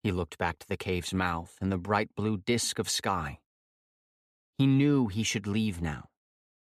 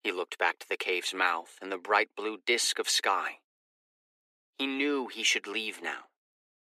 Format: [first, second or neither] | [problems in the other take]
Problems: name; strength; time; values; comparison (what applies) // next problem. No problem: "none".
first | thin; very; fading below 300 Hz